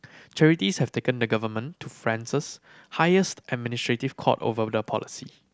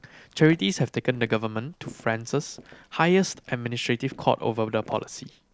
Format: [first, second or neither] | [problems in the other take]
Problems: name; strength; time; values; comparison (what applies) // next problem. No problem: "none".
first | noise reduction (neural separator model SepFormer DNS4)